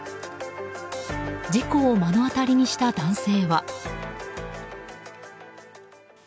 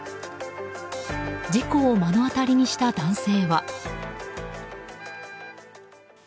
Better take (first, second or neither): first